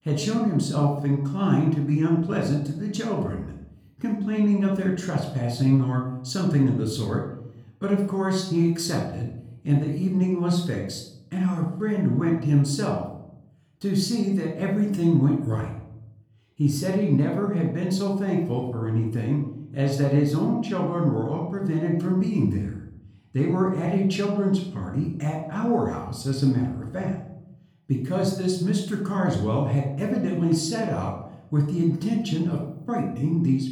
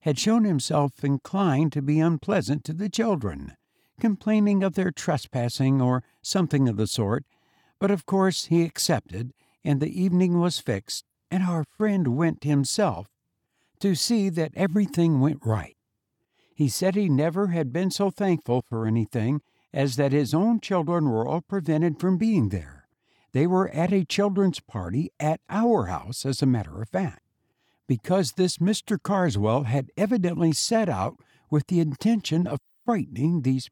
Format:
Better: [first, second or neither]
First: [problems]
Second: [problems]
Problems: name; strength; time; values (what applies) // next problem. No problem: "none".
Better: second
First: off-mic speech; somewhat distant // room echo; noticeable; dies away in 0.6 s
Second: none